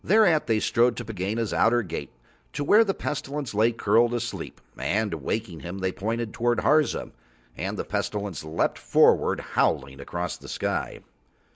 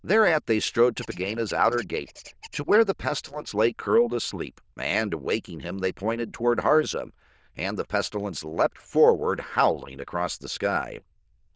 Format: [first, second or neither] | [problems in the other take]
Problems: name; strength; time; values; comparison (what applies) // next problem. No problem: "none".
first | noise reduction (neural diffusion model UNIVERSE++)